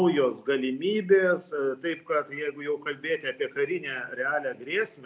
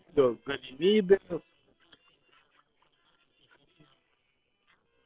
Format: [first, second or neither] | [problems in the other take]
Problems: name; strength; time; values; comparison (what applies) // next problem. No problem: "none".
first | noise reduction (neural separator model SepFormer WHAM!)